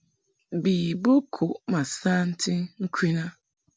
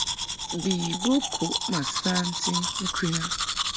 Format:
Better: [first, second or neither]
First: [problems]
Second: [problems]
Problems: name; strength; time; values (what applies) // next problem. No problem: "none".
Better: first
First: none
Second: background sound (Domestic sounds, home sounds); as loud as the speech